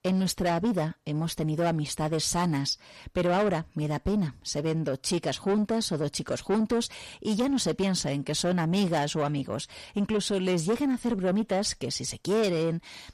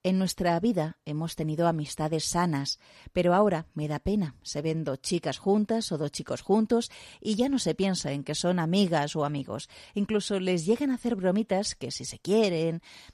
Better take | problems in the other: second | distortion; slight; 10 dB below the speech

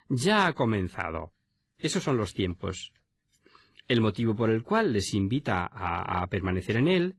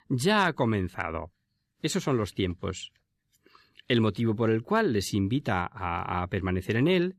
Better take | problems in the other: second | garbled, watery; slightly; nothing above 11.5 kHz

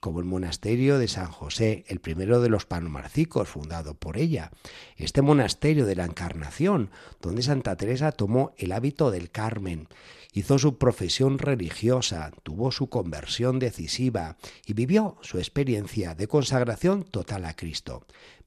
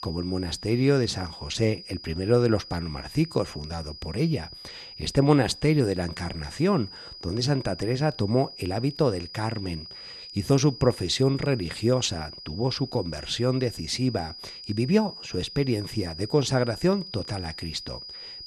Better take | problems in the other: first | high-pitched whine; noticeable; throughout; 5 kHz, 15 dB below the speech

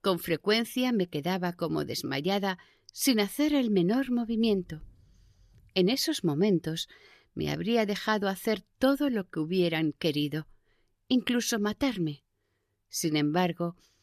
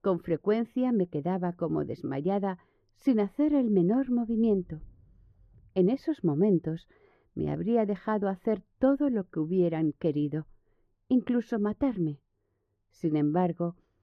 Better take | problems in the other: first | muffled; very; fading above 2.5 kHz

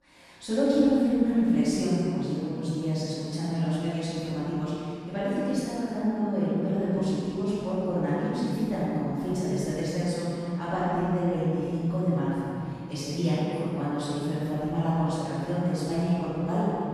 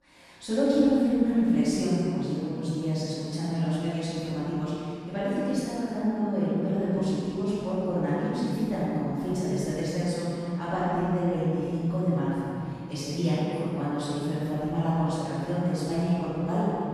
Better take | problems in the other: neither | off-mic speech; far; the same in both // room echo; strong; dies away in 2.7 s; the same in both

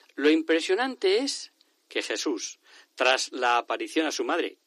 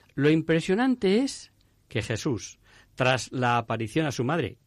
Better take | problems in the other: second | thin; somewhat; fading below 300 Hz

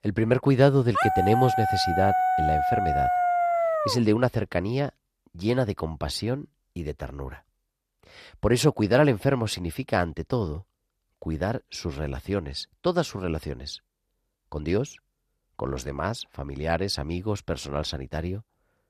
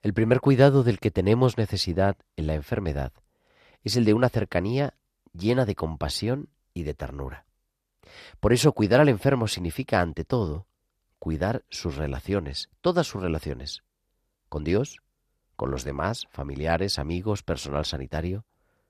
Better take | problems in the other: second | dog barking; loud; from 1 to 4 s; peak 4 dB above the speech

